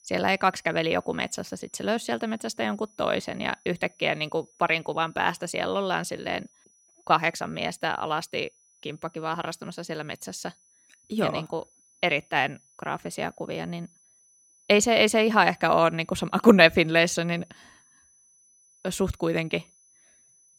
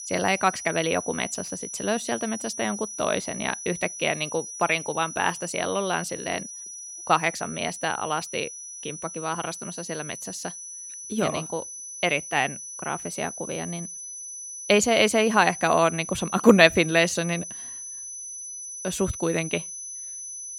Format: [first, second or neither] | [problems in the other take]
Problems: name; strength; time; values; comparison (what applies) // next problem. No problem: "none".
first | high-pitched whine; loud; throughout; 6 kHz, 10 dB below the speech; faint in the first